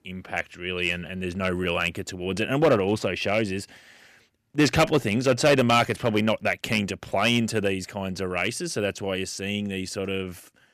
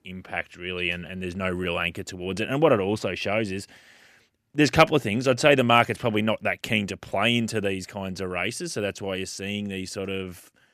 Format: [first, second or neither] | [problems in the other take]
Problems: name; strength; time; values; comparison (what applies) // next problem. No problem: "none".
second | distortion; slight; 1.8% of the sound clipped